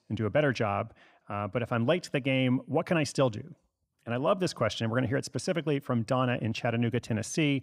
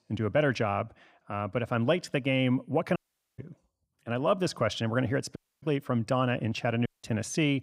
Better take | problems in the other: first | audio cutting out; at 3 s, at 5.5 s and at 7 s

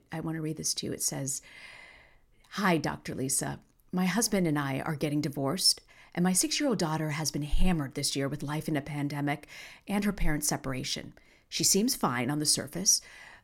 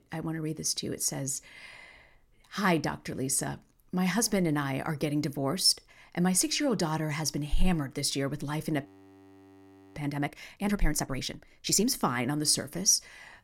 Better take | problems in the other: first | audio freezing; at 9 s for 1 s

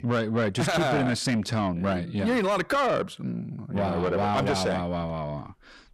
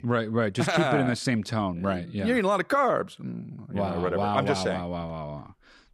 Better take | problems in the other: second | distortion; slight; 10 dB below the speech

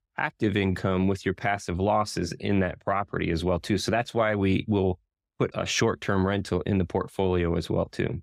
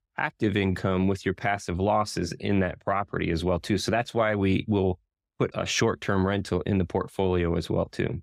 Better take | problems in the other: neither | none

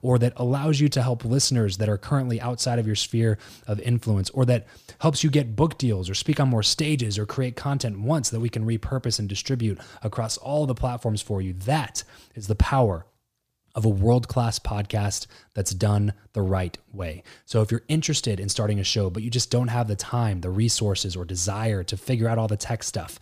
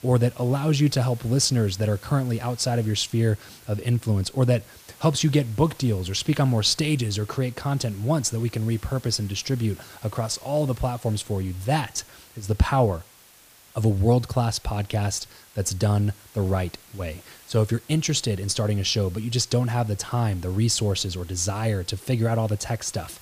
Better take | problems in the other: first | hiss; faint; throughout; 25 dB below the speech

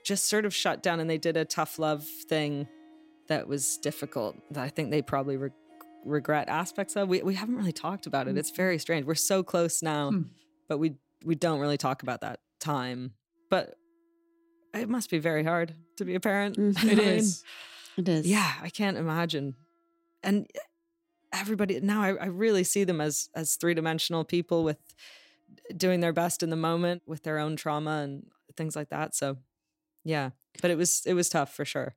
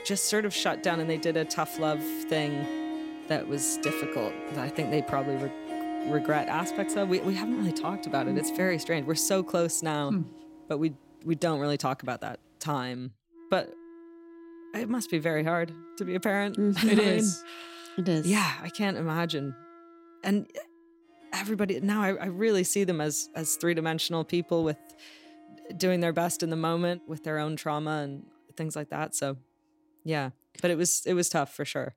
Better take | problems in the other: first | background music; loud; throughout; 9 dB below the speech; faint in the first

